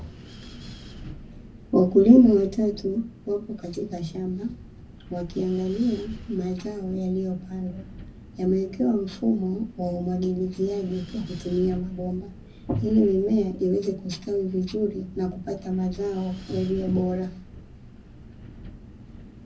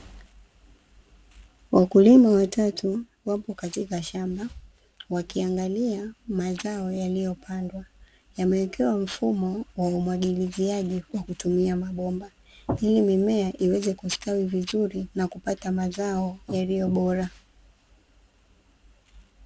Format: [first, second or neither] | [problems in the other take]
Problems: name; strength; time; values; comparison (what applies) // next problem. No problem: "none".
second | background sound (Wind); 17 dB below the speech // room echo; dies away in 0.4 s